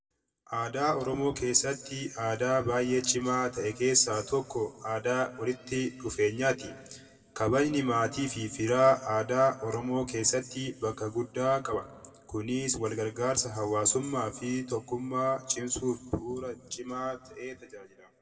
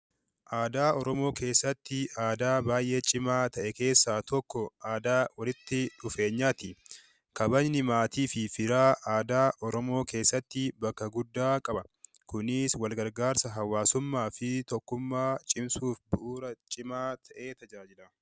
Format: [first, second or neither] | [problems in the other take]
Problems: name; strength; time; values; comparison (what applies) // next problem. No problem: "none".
second | room echo; dies away in 1.2 s